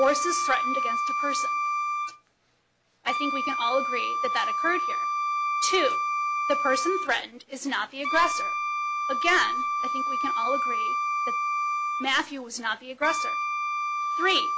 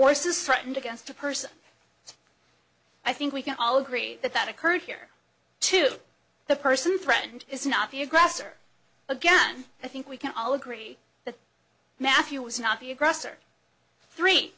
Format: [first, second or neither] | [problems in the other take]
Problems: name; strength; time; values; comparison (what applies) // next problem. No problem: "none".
second | background sound (Wind instrument, woodwind instrument); 2 dB above the speech